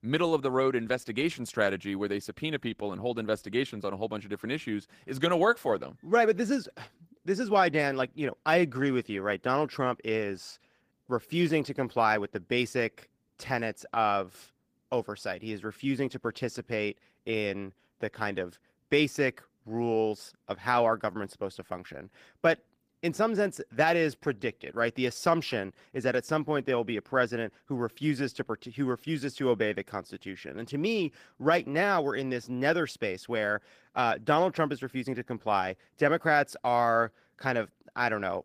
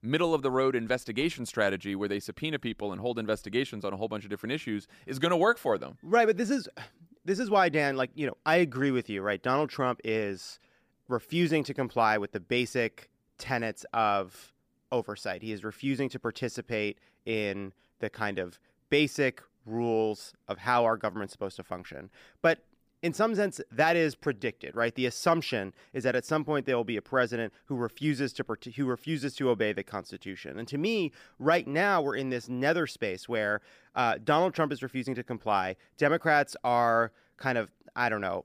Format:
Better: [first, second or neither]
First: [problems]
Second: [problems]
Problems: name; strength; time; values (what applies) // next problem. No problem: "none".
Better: second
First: garbled, watery; slightly; nothing above 15 kHz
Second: none